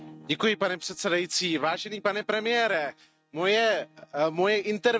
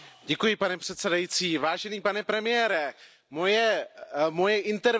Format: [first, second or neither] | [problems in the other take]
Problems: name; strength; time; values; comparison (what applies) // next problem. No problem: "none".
second | noise reduction (neural mask model RNNoise)